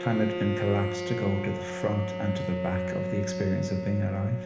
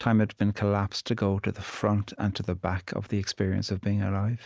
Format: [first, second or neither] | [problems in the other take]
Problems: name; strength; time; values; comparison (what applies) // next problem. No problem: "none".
second | background sound (Bowed string instrument); 4 dB below the speech // room echo; dies away in 1 s